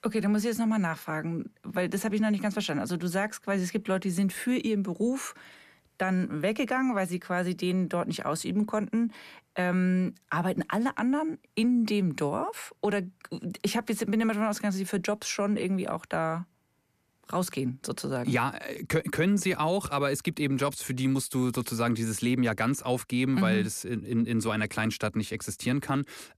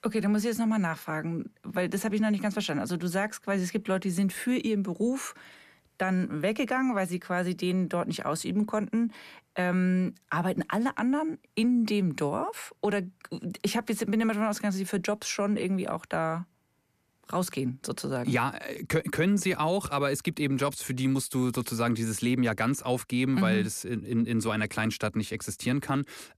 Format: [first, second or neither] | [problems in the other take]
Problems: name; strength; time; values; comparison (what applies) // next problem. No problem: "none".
neither | none